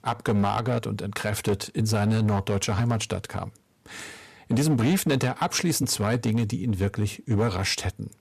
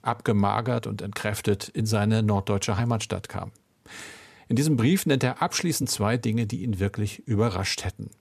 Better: second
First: distortion; slight; 7% of the sound clipped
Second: none

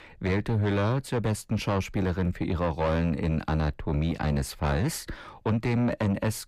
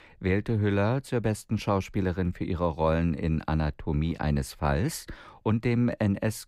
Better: second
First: distortion; slight; 10 dB below the speech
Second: none

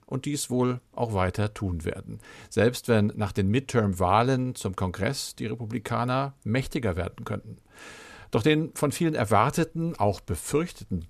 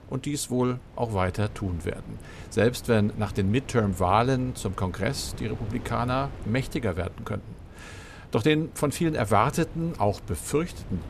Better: first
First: none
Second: wind noise on the microphone; occasional gusts; 20 dB below the speech

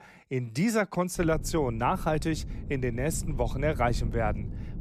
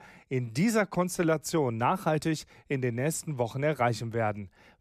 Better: second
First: wind noise on the microphone; occasional gusts; from 1 s on; 20 dB below the speech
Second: none

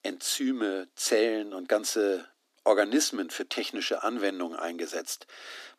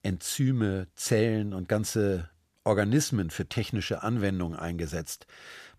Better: second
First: thin; somewhat; fading below 250 Hz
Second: none

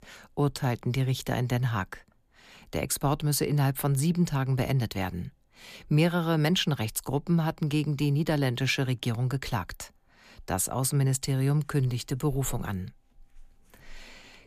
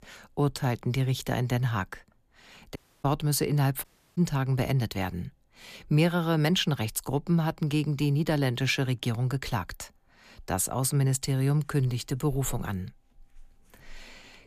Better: first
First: none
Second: audio cutting out; at 3 s and at 4 s

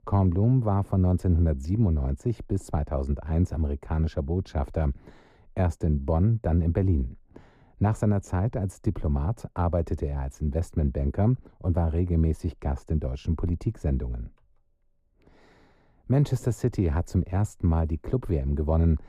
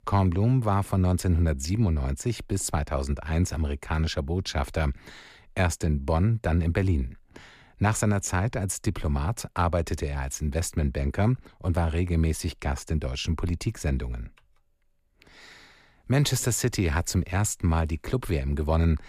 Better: second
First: muffled; slightly; fading above 1.5 kHz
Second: none

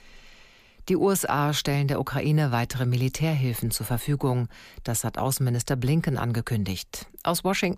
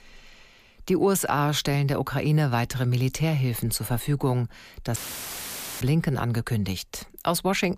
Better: first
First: none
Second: audio cutting out; filled with static; at 5 s for 1 s

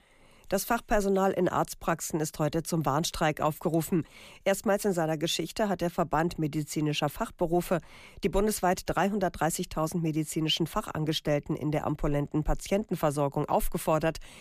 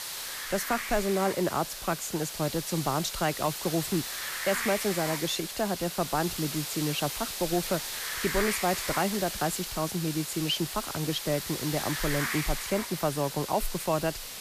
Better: first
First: none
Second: hiss; loud; throughout; 3 dB below the speech

